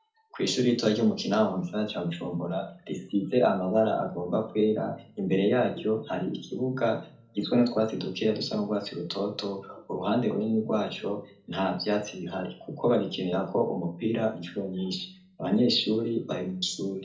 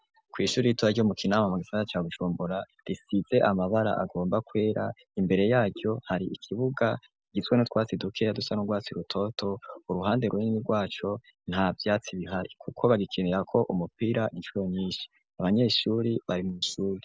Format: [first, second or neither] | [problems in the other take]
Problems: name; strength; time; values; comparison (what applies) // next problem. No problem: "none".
second | room echo; dies away in 0.4 s